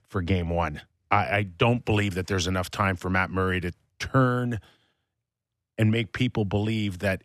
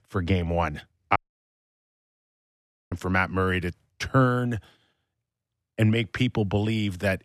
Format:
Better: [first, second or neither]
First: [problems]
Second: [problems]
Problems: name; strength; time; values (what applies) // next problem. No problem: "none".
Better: first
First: none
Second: audio cutting out; at 1 s for 2 s